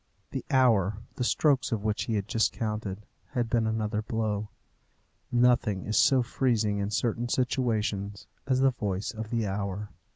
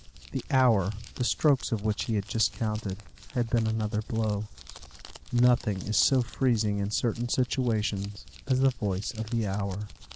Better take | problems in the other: first | background sound (Crumpling, crinkling); 18 dB below the speech

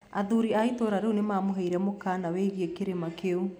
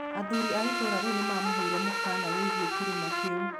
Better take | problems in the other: first | background sound (Trumpet + Drill); 2 dB above the speech

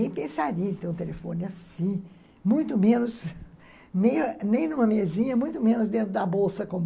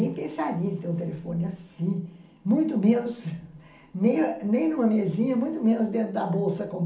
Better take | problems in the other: first | room echo; dies away in 0.4 s

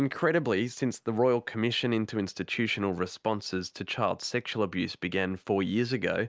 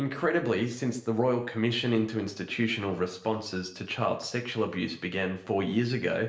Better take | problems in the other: first | room echo; dies away in 0.6 s

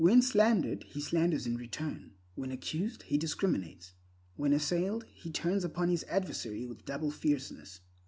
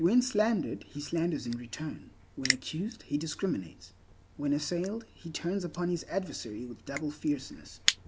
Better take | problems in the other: first | background sound (Crushing); 8 dB below the speech

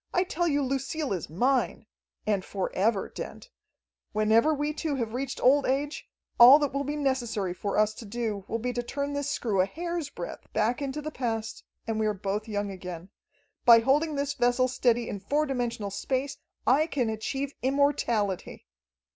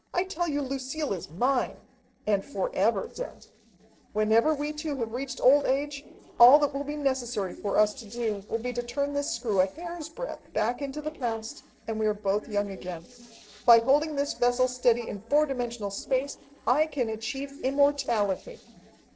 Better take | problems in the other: first | noise reduction (neural separator model SepFormer DNS4)

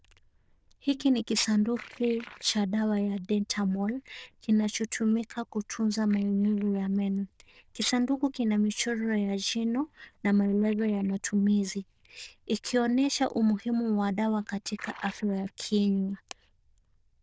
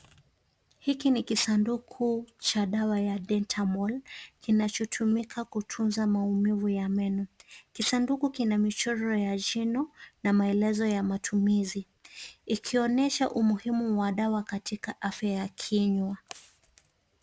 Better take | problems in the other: second | noise reduction (neural diffusion model UNIVERSE++)

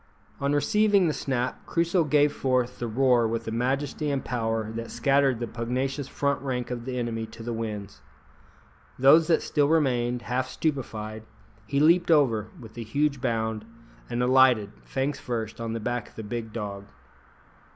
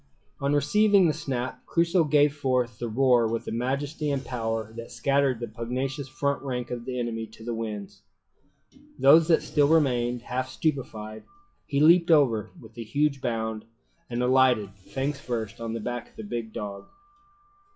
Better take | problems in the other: first | noise reduction (classical method WPE with log-MMSE)

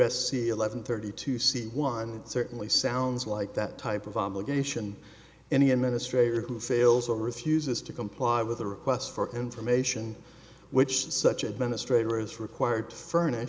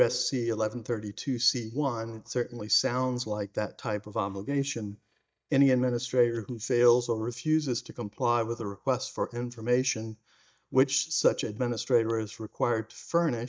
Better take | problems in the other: first | noise reduction (neural mask model DeepFilterNet 3)

